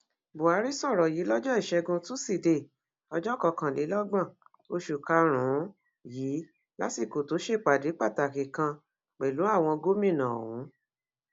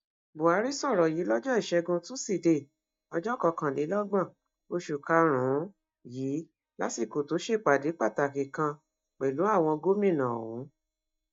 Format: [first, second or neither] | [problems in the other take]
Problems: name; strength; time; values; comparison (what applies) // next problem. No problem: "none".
first | noise reduction (neural mask model DeepFilterNet 3)